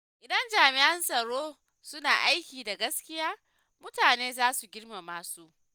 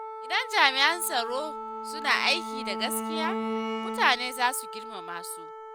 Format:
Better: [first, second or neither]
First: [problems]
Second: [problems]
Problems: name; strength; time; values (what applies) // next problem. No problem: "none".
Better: first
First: none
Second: background sound (Bowed string instrument + Wind instrument, woodwind instrument); 6 dB below the speech